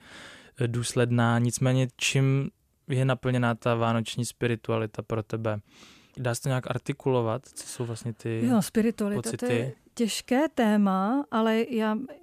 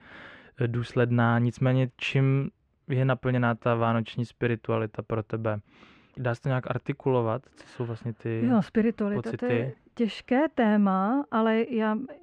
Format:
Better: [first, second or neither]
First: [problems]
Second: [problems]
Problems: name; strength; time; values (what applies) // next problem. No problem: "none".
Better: first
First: none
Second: muffled; very; fading above 2 kHz